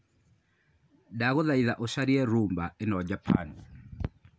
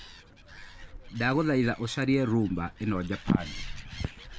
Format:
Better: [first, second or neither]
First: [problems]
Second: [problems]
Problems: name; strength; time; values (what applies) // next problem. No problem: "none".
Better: first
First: none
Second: background sound (Animal); 13 dB below the speech